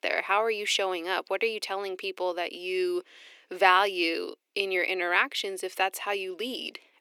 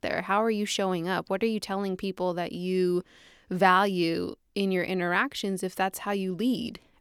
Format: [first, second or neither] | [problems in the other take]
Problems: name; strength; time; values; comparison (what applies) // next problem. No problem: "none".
second | thin; very; fading below 350 Hz